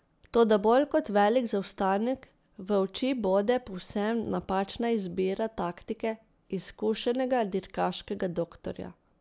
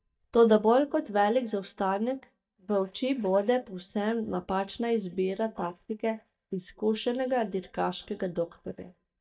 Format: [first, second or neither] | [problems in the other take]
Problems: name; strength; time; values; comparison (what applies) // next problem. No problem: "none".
first | noise reduction (neural mask model DeepFilterNet 3)